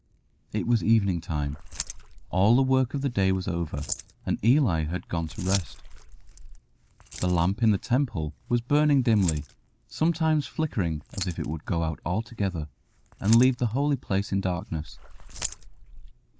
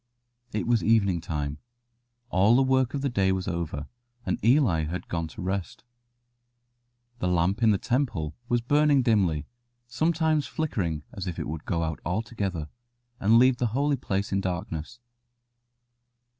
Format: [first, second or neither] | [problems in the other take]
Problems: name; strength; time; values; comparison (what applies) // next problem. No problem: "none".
second | noise reduction (neural mask model Resemble Enhance denoiser)